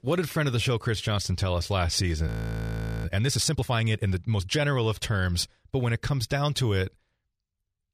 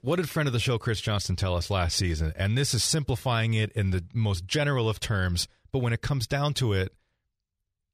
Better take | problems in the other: second | audio freezing; at 2.5 s for 1 s

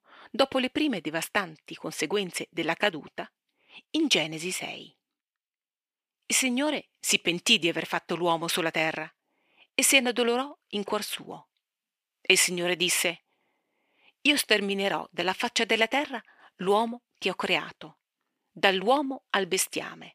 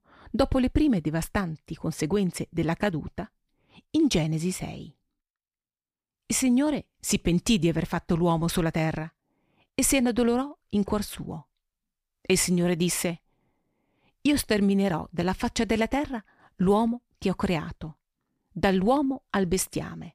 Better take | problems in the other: second | thin; somewhat; fading below 400 Hz

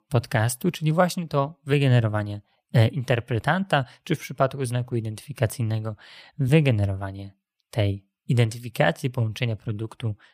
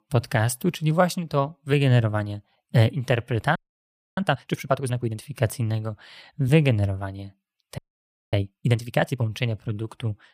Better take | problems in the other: first | audio freezing; at 3.5 s for 0.5 s and at 8 s for 0.5 s

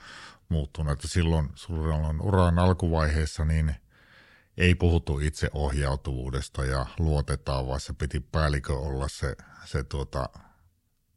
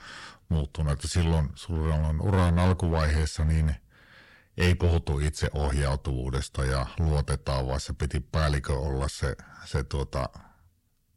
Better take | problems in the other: first | distortion; slight; 4% of the sound clipped

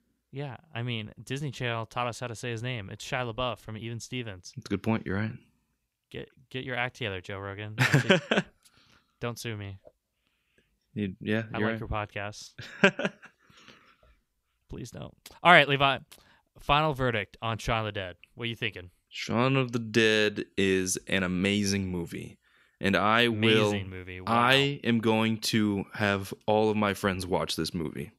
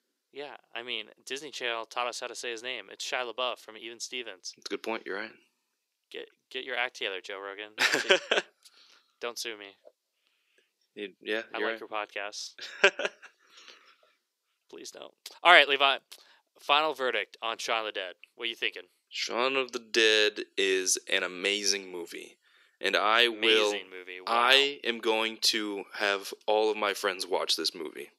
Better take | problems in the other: first | thin; very; fading below 350 Hz

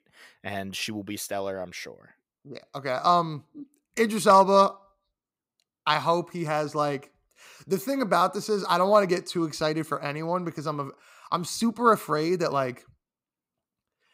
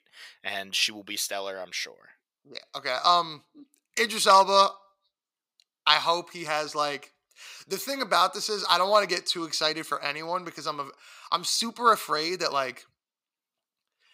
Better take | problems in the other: first | thin; somewhat; fading below 900 Hz

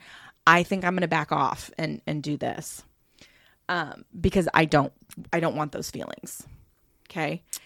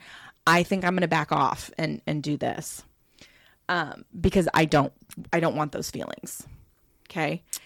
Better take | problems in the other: first | distortion; slight; 1% of the sound clipped

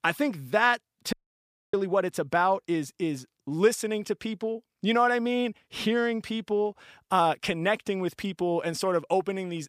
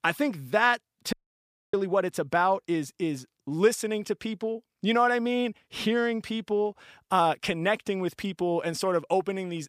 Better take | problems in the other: neither | audio cutting out; at 1 s for 0.5 s; the same in both

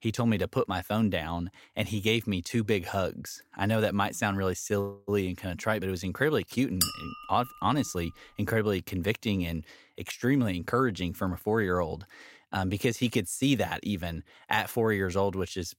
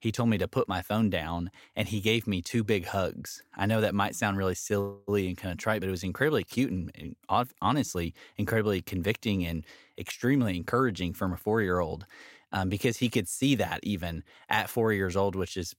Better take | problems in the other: second | clattering dishes; loud; at 7 s; peak level with the speech

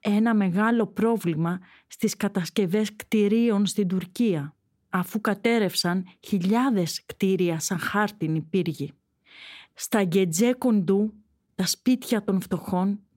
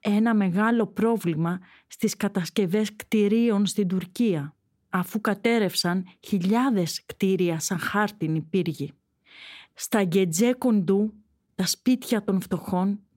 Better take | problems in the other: neither | none

